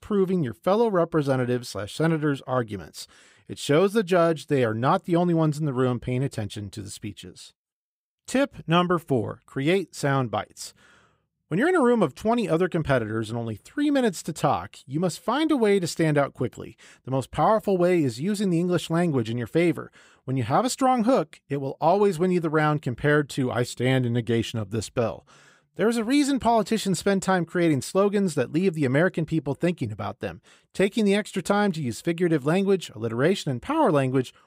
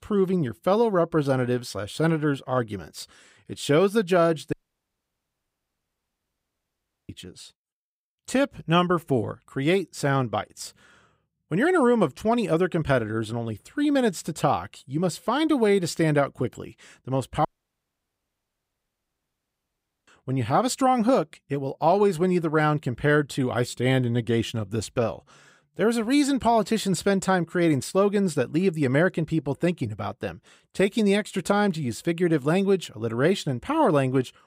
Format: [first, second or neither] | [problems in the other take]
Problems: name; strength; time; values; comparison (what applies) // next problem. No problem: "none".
first | audio cutting out; at 4.5 s for 2.5 s and at 17 s for 2.5 s